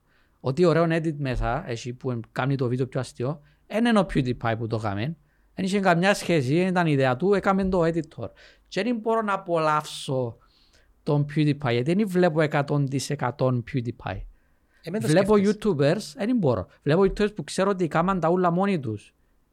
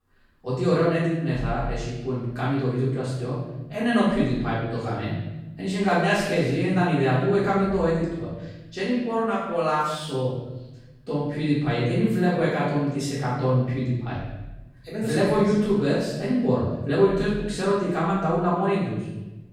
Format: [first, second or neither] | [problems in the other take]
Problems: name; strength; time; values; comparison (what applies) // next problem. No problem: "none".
first | off-mic speech; far // room echo; strong; dies away in 1 s